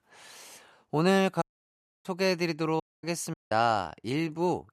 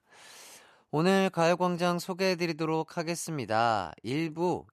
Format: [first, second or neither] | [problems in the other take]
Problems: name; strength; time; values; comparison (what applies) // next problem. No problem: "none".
second | audio cutting out; at 1.5 s for 0.5 s, at 3 s and at 3.5 s